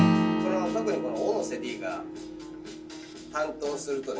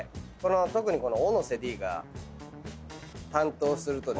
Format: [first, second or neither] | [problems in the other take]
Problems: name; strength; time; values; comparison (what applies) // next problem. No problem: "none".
second | background sound (Acoustic guitar / Strum); 3 dB above the speech // room echo; dies away in 0.3 s